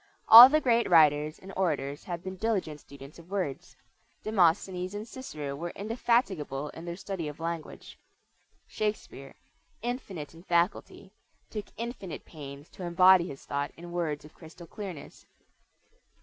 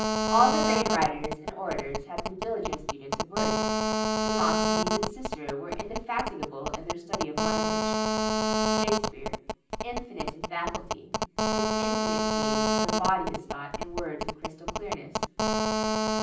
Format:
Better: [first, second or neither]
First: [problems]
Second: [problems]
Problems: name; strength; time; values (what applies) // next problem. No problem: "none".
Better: first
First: none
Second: background sound (Telephone); 5 dB above the speech // room echo; dies away in 0.6 s